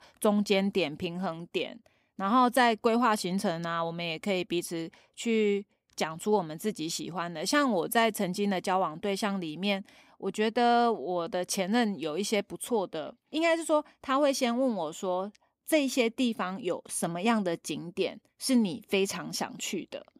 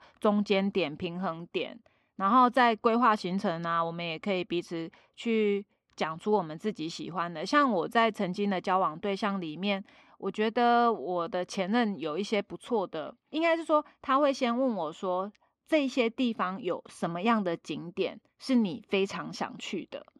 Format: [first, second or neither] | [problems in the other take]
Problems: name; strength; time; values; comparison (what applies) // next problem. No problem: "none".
first | muffled; slightly; fading above 4 kHz